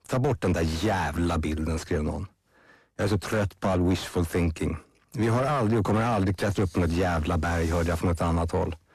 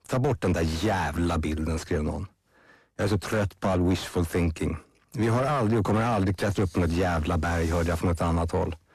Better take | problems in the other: neither | distortion; heavy; 6 dB below the speech; the same in both

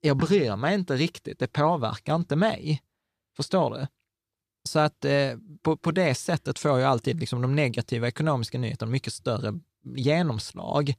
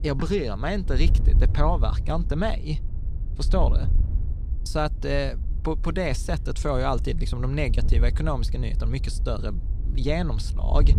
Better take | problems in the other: first | wind noise on the microphone; occasional gusts; 15 dB below the speech

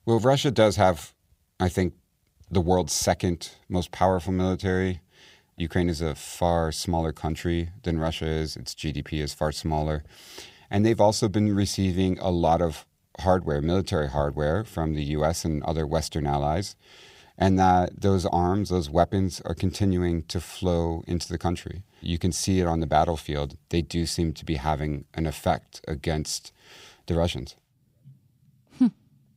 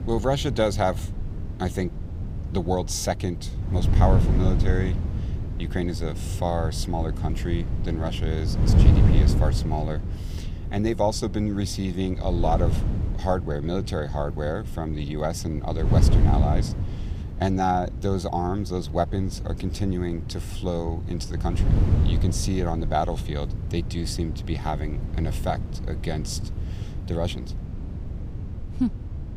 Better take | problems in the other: first | wind noise on the microphone; heavy; 10 dB below the speech

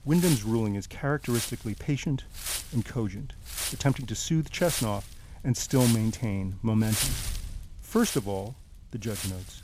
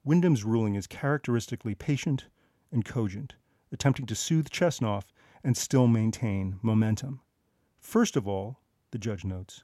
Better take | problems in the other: second | wind noise on the microphone; heavy; 2 dB below the speech

